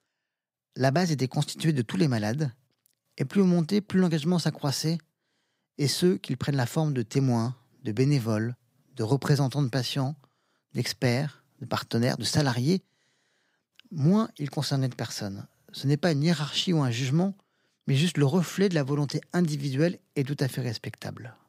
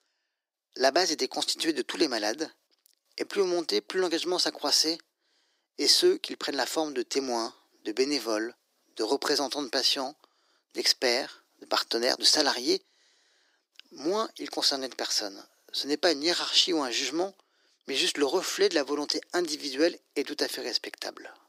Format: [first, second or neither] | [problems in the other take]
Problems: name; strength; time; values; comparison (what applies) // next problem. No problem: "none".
first | thin; very; fading below 300 Hz